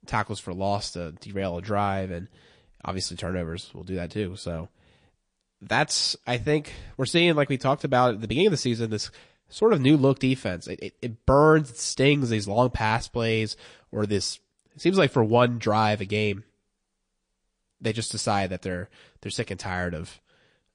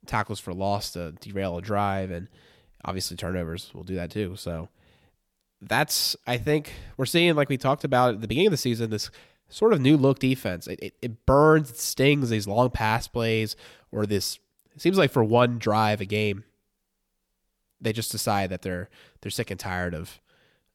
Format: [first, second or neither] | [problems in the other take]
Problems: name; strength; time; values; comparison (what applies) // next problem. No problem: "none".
second | garbled, watery; slightly